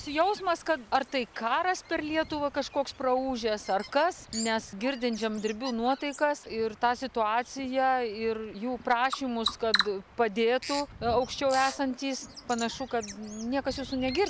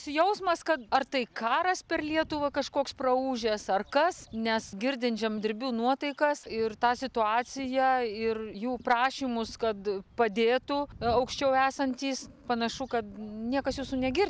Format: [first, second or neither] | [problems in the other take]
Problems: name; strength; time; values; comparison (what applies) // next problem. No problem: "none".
second | background sound (Bird vocalization, bird call, bird song); 12 dB below the speech